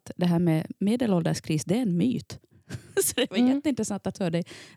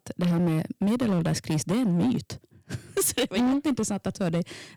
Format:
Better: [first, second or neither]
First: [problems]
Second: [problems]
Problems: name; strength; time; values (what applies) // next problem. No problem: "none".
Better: first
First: none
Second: distortion; slight; 15% of the sound clipped